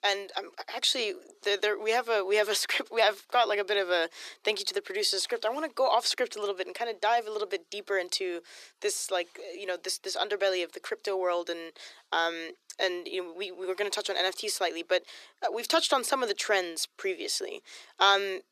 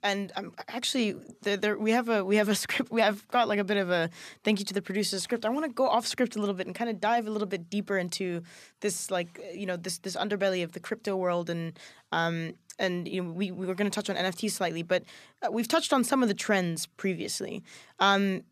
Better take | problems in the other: second | thin; very; fading below 350 Hz

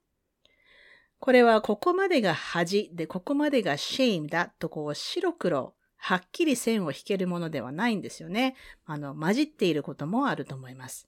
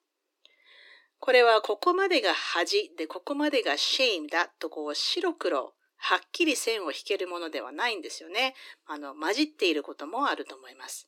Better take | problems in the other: first | thin; somewhat; fading below 300 Hz

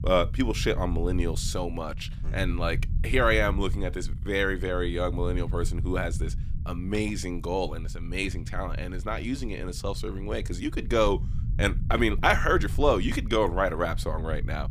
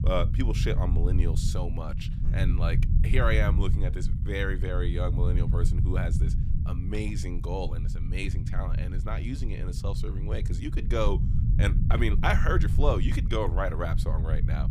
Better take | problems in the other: first | low rumble; loud; throughout; 9 dB below the speech; faint in the first

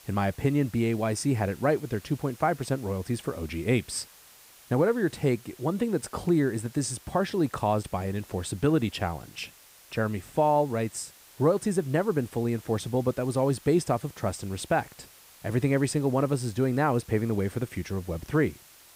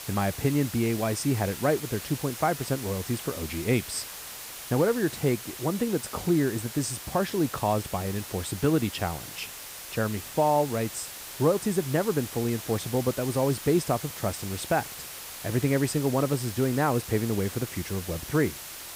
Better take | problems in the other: first | hiss; loud; throughout; 10 dB below the speech; faint in the first

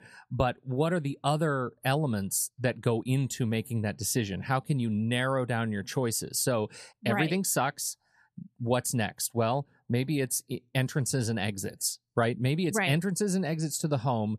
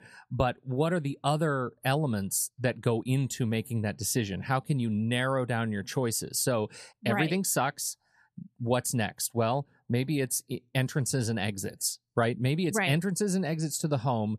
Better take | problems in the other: neither | none

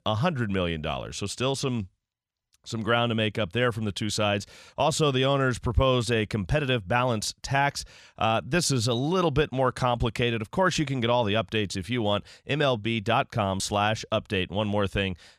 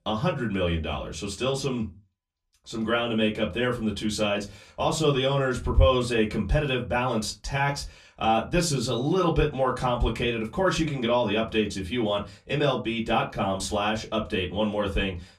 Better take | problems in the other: first | off-mic speech; far // room echo; very slight; dies away in 0.2 s

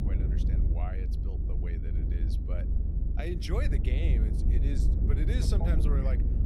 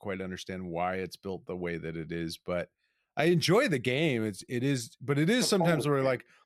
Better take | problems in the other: second | low rumble; loud; throughout; 3 dB below the speech

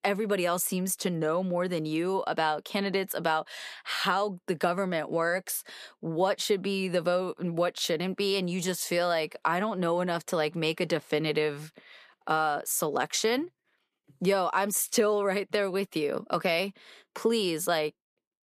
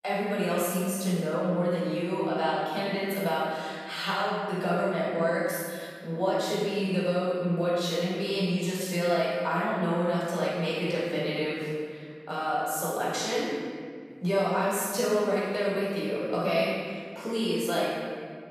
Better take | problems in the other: first | off-mic speech; far // room echo; strong; dies away in 2 s

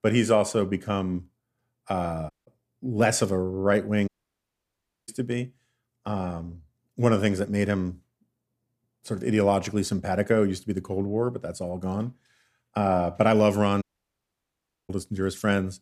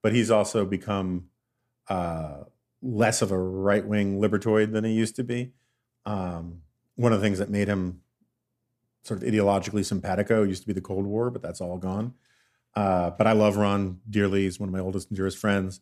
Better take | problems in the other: second | audio cutting out; at 2.5 s, at 4 s for 1 s and at 14 s for 1 s

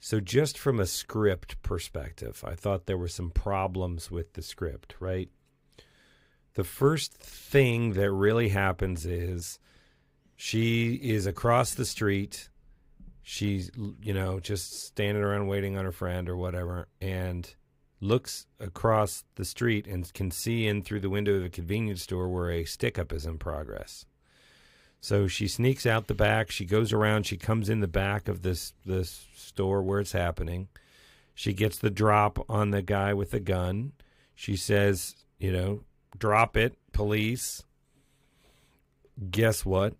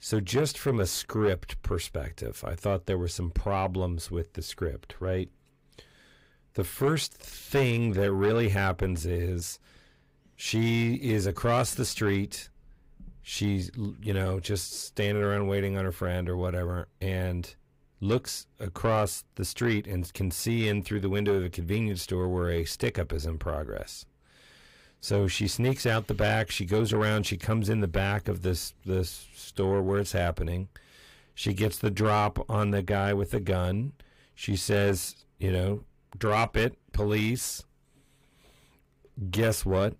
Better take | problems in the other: first | distortion; slight; 10 dB below the speech

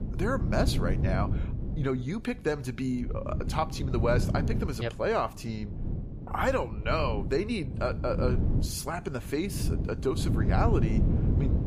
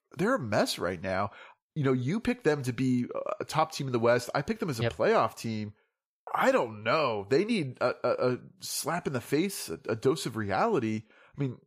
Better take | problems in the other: second | wind noise on the microphone; heavy; 9 dB below the speech

